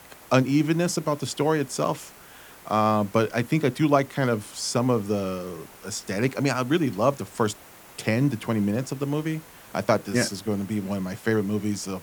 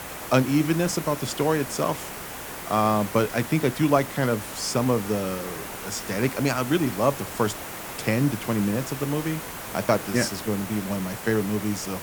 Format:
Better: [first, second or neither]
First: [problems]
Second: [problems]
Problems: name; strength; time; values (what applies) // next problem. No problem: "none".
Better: first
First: hiss; faint; throughout; 20 dB below the speech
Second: hiss; loud; throughout; 9 dB below the speech